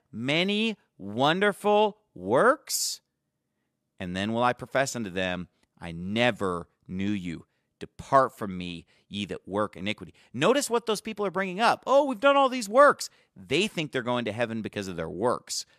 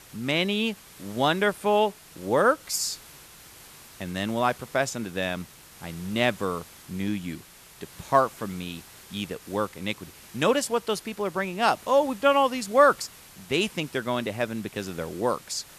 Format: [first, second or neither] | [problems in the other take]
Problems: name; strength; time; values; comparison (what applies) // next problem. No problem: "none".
first | hiss; faint; throughout; 20 dB below the speech